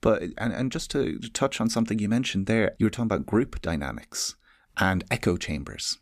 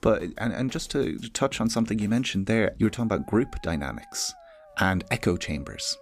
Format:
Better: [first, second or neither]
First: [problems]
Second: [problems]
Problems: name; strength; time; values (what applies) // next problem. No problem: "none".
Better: first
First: none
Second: background music; faint; throughout; 25 dB below the speech